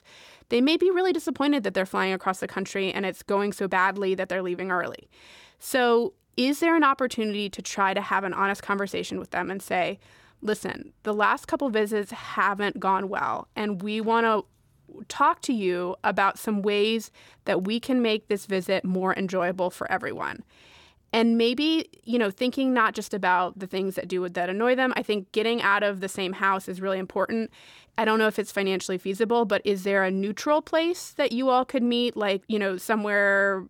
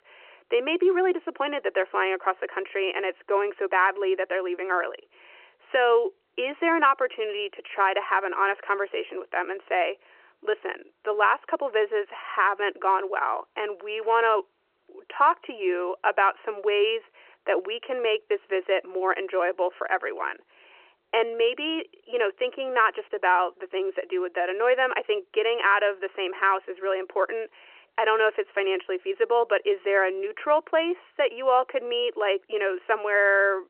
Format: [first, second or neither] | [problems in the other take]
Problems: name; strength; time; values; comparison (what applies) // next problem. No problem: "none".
first | phone-call audio; nothing above 3 kHz